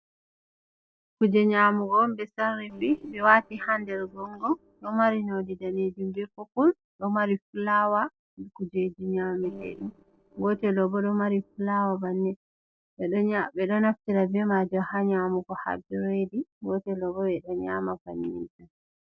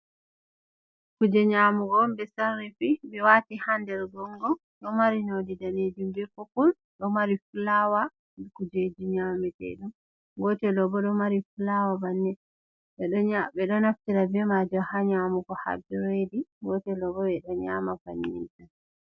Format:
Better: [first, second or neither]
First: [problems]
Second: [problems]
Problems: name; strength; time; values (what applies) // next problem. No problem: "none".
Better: second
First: noise reduction (neural separator model SepFormer DNS4)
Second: none